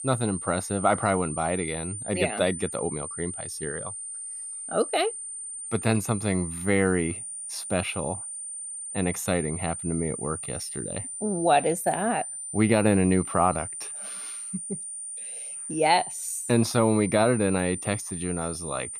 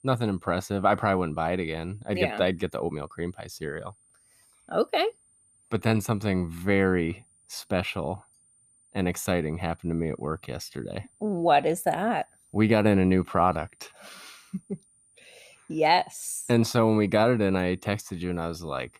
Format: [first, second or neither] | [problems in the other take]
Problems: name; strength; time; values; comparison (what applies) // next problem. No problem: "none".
second | high-pitched whine; loud; throughout; 9 kHz, 7 dB below the speech; faint in the second